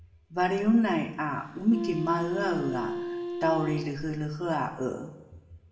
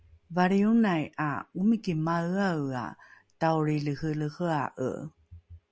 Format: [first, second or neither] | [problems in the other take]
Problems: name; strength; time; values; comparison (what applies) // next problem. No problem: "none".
second | background sound (Wind instrument, woodwind instrument); 6 dB below the speech // room echo; dies away in 0.9 s